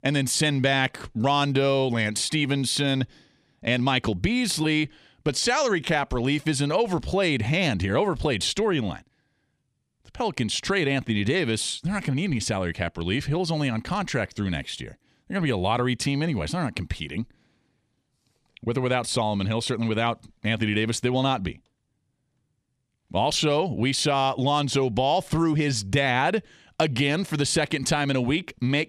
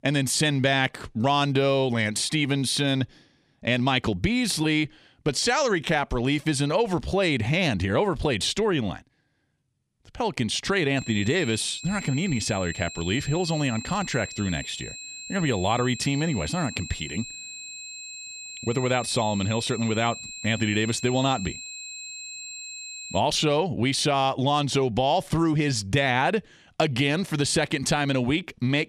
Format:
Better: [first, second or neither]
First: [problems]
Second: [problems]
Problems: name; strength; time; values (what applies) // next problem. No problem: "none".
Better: first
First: none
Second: high-pitched whine; noticeable; from 11 to 23 s; 2.5 kHz, 10 dB below the speech